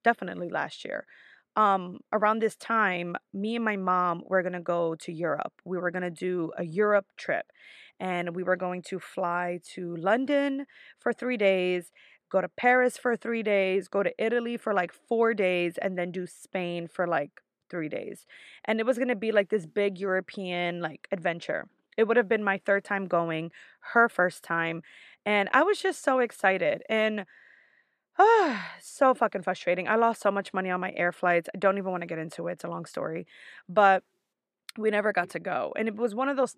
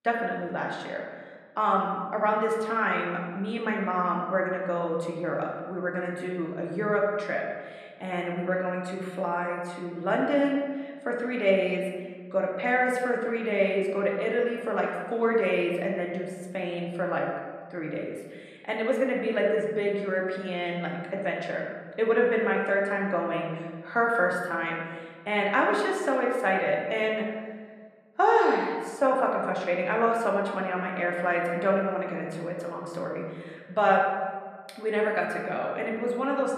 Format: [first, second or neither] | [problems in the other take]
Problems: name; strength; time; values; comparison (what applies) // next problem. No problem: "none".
first | room echo; noticeable; dies away in 1.3 s // off-mic speech; somewhat distant